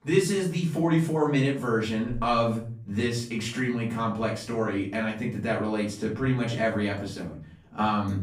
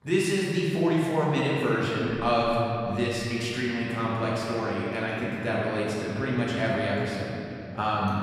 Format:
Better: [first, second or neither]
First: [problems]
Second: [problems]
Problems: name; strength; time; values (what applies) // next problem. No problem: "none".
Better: first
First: room echo; slight; dies away in 0.4 s // off-mic speech; far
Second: room echo; strong; dies away in 2.7 s // off-mic speech; far